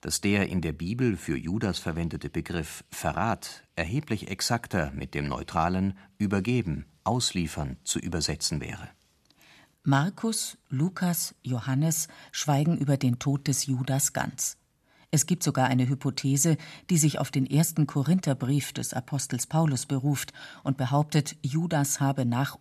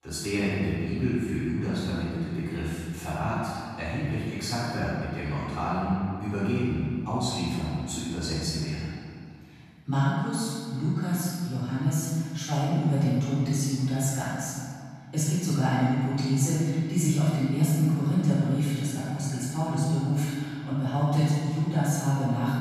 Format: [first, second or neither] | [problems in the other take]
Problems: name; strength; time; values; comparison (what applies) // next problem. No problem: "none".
first | room echo; strong; dies away in 2.1 s // off-mic speech; far